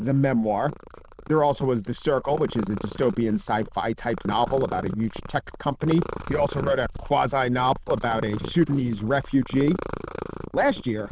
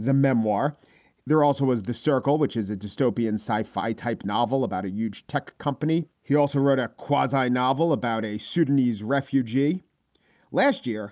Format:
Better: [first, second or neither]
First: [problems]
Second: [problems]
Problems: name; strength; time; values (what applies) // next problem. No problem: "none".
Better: second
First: noise reduction (neural diffusion model UNIVERSE++)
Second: none